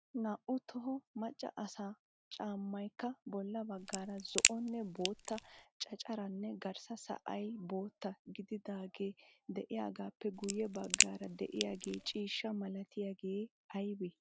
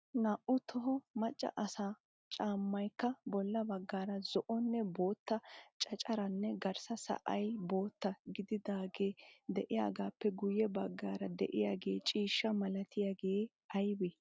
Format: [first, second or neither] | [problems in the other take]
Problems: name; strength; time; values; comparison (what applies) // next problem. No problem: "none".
second | background sound (Crack); 5 dB above the speech